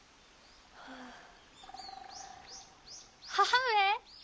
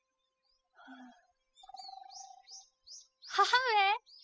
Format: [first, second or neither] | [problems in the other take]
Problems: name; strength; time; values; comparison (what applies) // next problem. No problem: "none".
first | noise reduction (classical method spectral subtraction)